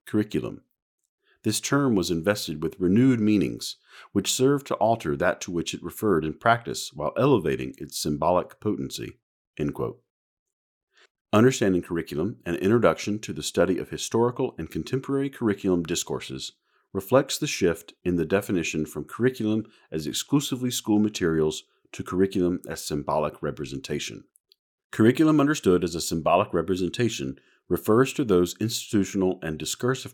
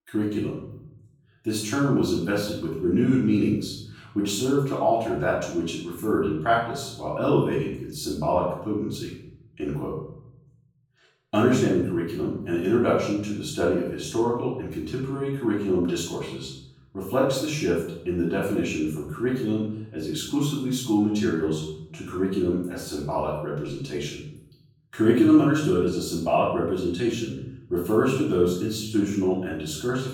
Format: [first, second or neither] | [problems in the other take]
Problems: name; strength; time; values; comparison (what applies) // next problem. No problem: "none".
first | off-mic speech; far // room echo; noticeable; dies away in 0.8 s